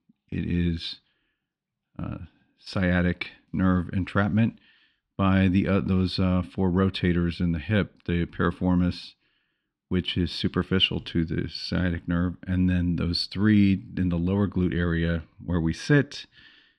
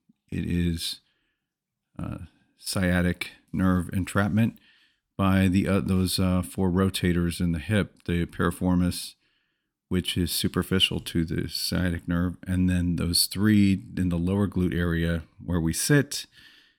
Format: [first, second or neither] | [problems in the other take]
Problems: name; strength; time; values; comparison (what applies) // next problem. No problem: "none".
second | muffled; very slightly; fading above 4 kHz